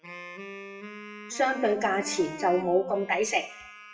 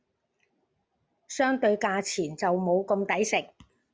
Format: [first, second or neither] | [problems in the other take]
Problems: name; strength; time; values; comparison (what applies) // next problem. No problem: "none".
second | noise reduction (classical method WPE with log-MMSE)